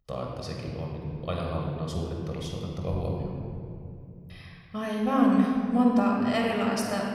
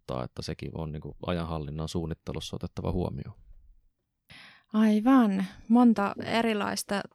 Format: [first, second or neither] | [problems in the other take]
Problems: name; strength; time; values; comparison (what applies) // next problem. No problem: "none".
second | room echo; noticeable; dies away in 2.3 s // off-mic speech; somewhat distant